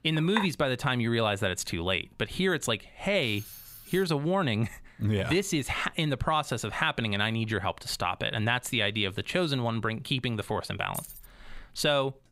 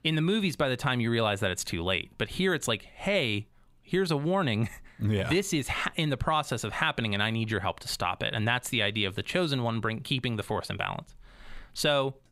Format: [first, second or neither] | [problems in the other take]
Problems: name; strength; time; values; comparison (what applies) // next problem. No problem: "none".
second | clattering dishes; noticeable; at the start; peak 5 dB below the speech // jangling keys; faint; at 3 s and at 11 s; peak 10 dB below the speech